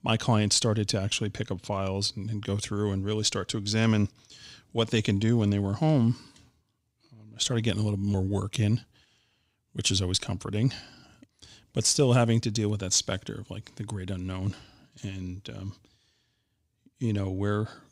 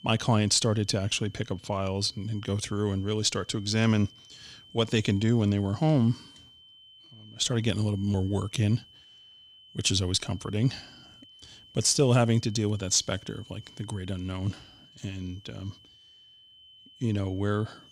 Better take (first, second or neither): first